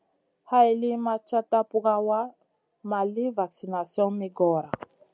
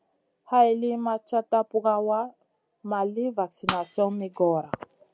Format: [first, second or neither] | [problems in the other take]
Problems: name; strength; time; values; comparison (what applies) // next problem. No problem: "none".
first | background sound (Shatter); 11 dB below the speech